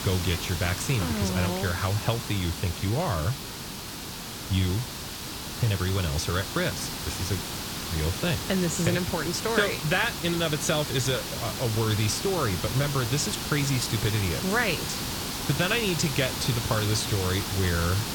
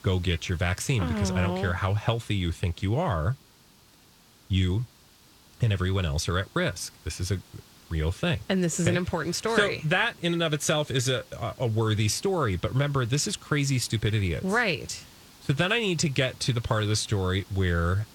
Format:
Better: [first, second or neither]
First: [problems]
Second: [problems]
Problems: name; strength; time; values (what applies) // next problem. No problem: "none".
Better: second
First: hiss; loud; throughout; 4 dB below the speech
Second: hiss; faint; throughout; 25 dB below the speech